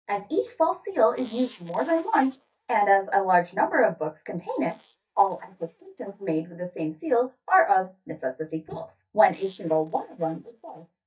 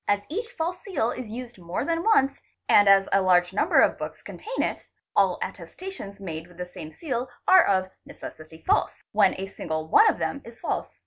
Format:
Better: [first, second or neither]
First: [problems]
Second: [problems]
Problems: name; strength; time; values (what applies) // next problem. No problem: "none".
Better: second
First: noise reduction (neural mask model DeepFilterNet 3)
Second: none